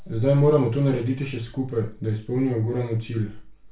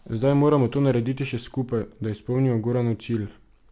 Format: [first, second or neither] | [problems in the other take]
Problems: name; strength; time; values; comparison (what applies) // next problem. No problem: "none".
second | room echo; dies away in 0.3 s